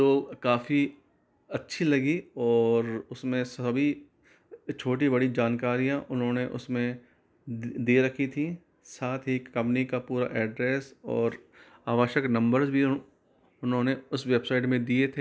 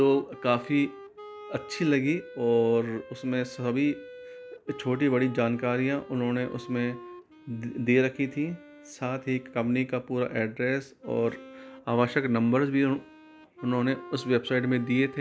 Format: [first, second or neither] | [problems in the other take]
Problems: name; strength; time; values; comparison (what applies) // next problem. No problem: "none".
first | background sound (Wind instrument, woodwind instrument); 18 dB below the speech